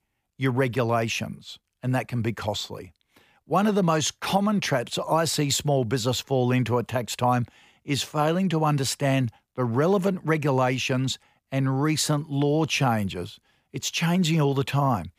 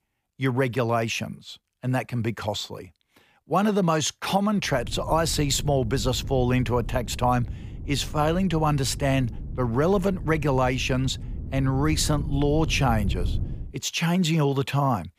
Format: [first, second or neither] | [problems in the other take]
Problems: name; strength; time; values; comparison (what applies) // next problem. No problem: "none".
first | wind noise on the microphone; occasional gusts; from 4.5 to 14 s; 20 dB below the speech